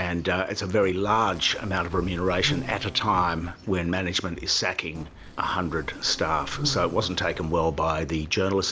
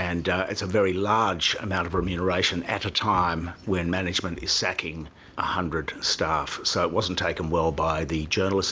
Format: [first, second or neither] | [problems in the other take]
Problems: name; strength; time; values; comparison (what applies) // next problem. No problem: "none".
second | background sound (Insect); 12 dB below the speech